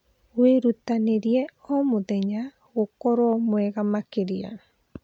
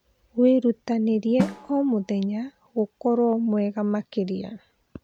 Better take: first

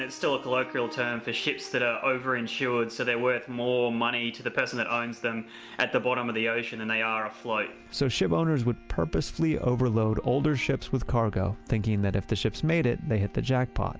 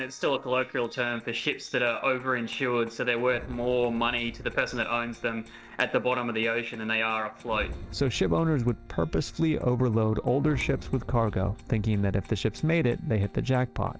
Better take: first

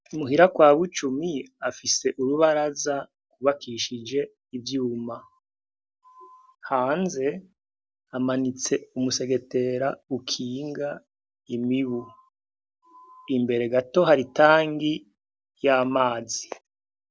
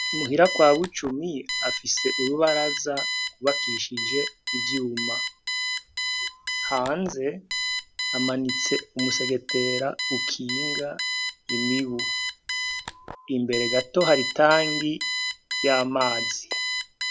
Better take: first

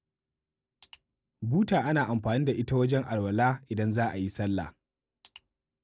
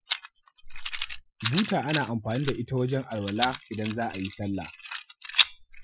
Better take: first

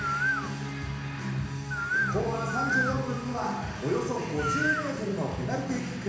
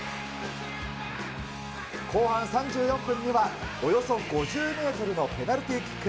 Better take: second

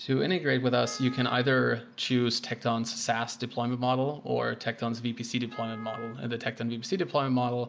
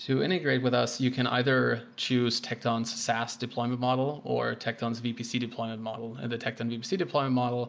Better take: second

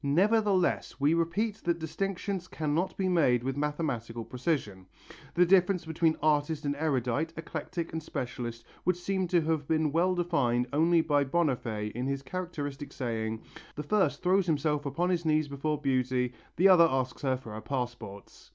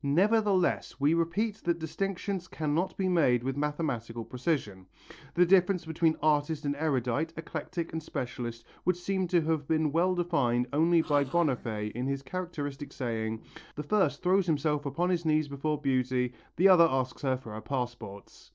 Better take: first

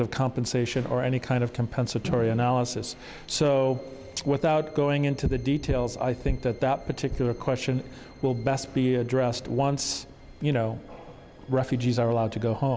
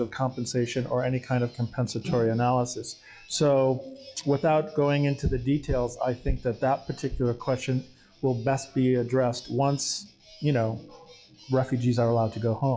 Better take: first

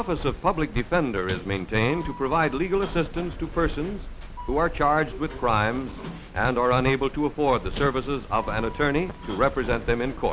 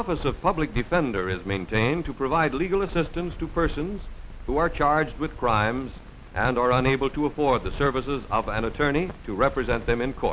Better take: second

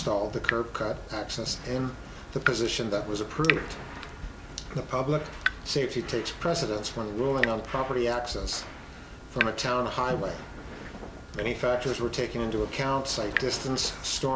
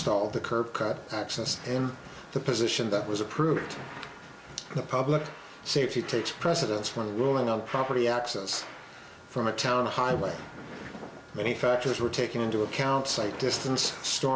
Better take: second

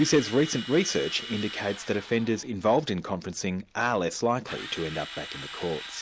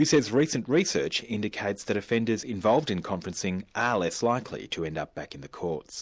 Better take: second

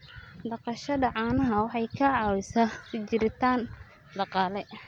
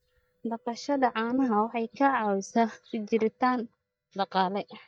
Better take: first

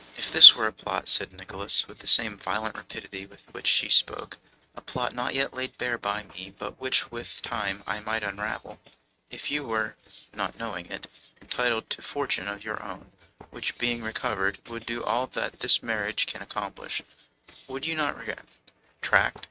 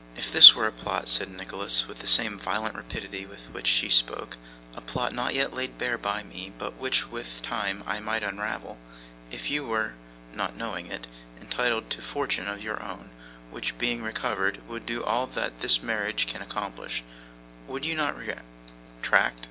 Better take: second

